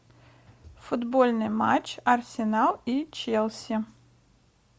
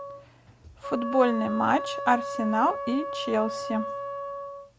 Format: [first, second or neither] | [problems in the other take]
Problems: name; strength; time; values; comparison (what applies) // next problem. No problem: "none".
first | background sound (Wind instrument, woodwind instrument); 7 dB below the speech